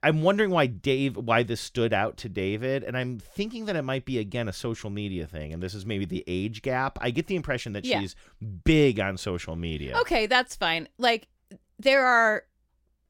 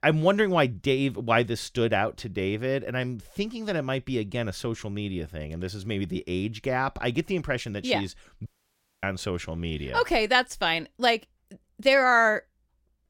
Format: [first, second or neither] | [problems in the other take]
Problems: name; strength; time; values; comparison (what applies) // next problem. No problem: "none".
first | audio cutting out; at 8.5 s for 0.5 s